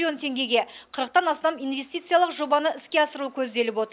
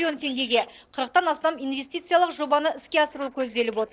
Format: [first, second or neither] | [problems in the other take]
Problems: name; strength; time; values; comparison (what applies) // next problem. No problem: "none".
first | noise reduction (neural separator model SepFormer DNS4)